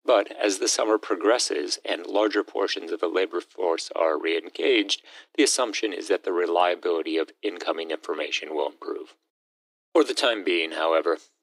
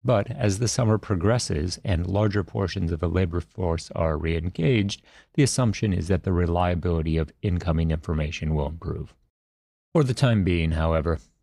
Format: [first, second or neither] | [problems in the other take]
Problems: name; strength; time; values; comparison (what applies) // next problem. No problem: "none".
second | thin; very; fading below 300 Hz